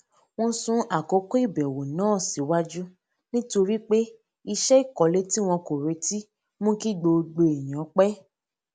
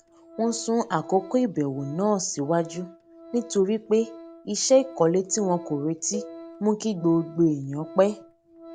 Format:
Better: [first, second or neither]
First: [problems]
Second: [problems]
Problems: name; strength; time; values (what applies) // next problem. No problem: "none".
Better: first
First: none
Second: background sound (Cowbell + Organ); 18 dB below the speech